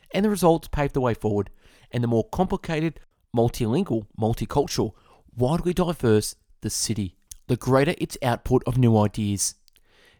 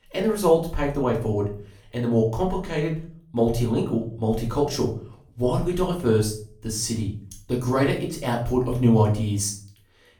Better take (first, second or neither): first